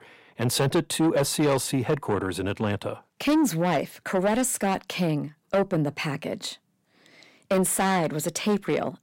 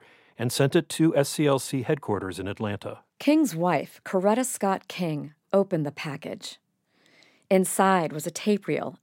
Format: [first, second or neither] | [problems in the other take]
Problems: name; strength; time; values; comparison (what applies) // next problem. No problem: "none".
second | distortion; heavy; 7 dB below the speech